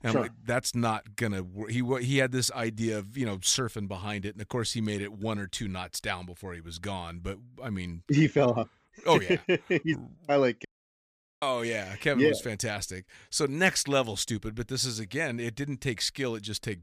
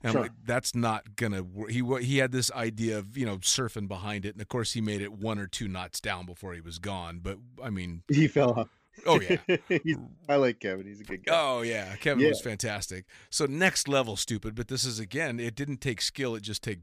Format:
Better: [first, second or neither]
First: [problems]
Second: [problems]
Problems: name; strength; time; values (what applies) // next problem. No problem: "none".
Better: second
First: audio cutting out; at 11 s for 1 s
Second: none